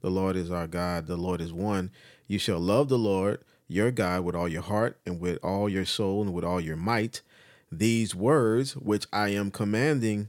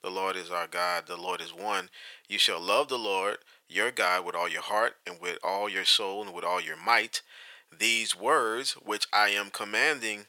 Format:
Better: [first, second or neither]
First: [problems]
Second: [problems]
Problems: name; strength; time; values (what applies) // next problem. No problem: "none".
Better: first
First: none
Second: thin; very; fading below 900 Hz